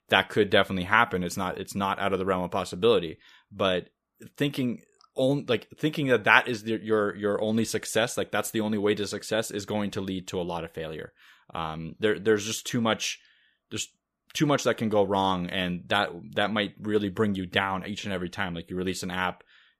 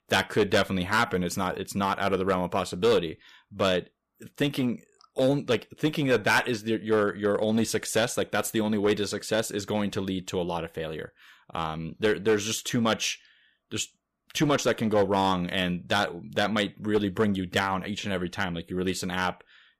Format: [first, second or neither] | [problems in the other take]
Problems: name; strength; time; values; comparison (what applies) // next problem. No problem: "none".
first | distortion; slight; 4% of the sound clipped